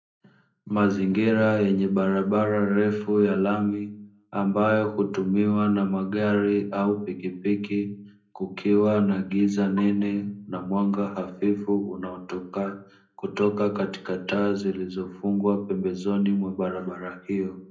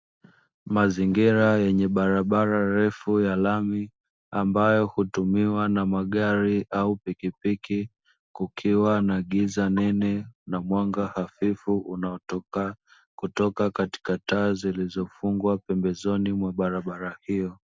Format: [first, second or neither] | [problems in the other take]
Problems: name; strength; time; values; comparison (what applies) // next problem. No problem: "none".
second | room echo; dies away in 0.5 s